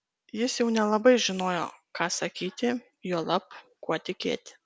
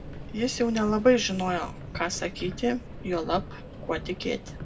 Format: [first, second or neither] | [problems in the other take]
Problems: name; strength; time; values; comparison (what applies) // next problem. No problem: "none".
first | background sound (Subway, metro, underground); 11 dB below the speech // room echo; dies away in 0.2 s